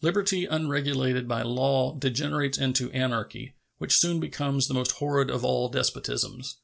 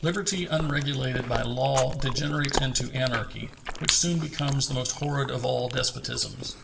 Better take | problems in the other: first | background sound (Chewing, mastication); 7 dB below the speech // room echo; dies away in 1.8 s

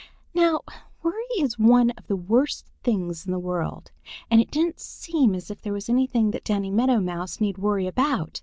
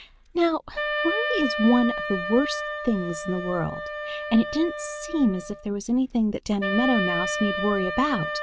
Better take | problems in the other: first | background sound (Wind instrument, woodwind instrument); 5 dB below the speech

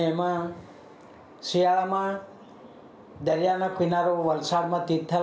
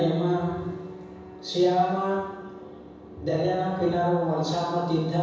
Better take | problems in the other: first | background sound (Piano); 16 dB below the speech // room echo; dies away in 1.1 s

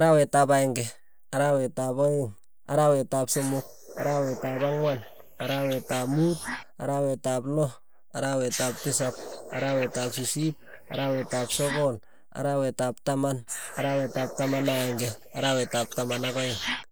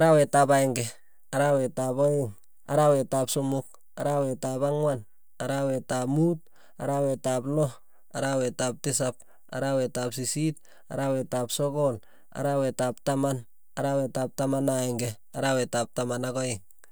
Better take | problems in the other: second | noise reduction (neural mask model Resemble Enhance denoiser)

